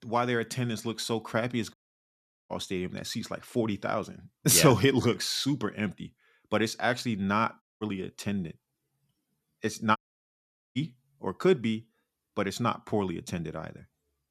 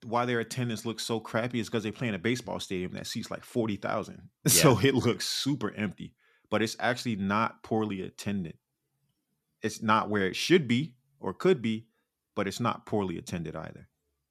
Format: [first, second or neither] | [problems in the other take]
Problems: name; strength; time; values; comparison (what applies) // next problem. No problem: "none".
second | audio cutting out; at 1.5 s for 1 s, at 7.5 s and at 10 s for 1 s